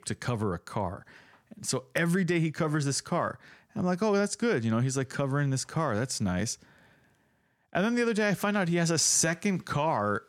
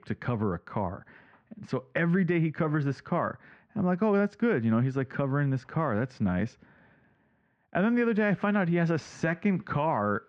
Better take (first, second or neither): first